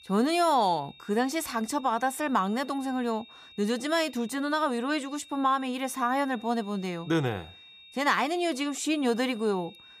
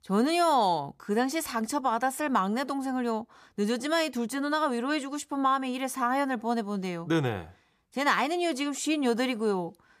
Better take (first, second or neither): second